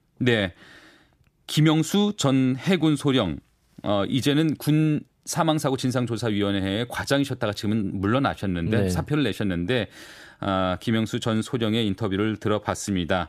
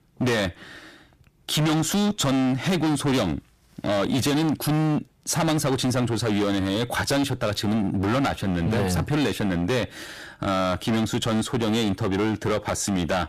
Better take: first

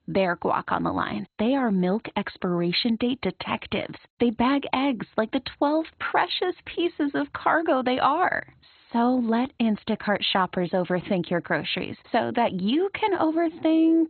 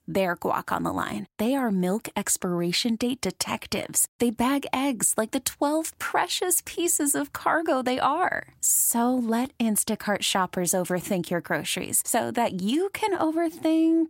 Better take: second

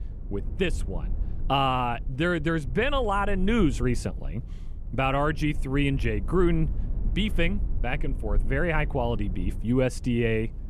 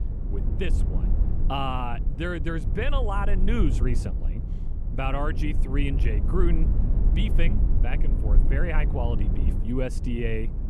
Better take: first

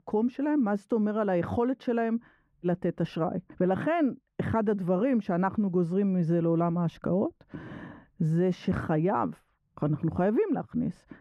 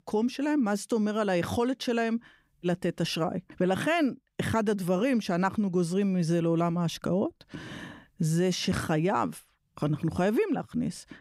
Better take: second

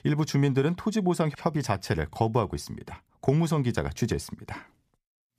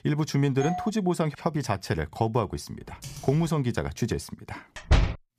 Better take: first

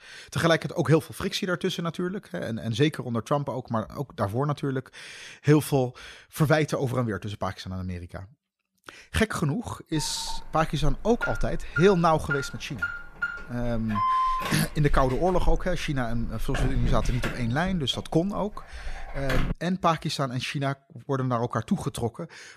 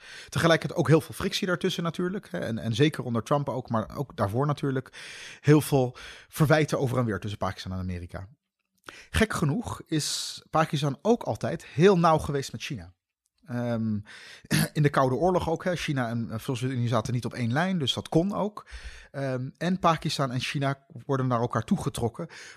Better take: second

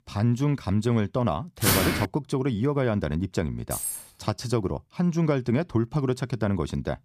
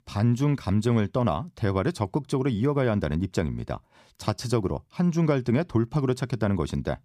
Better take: second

